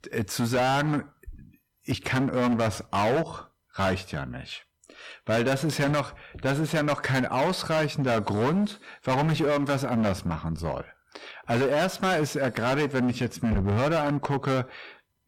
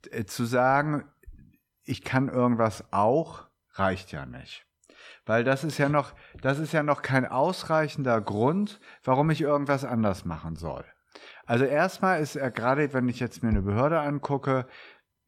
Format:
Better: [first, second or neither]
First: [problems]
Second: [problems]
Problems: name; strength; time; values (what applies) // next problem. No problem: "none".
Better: second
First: distortion; heavy; 17% of the sound clipped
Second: none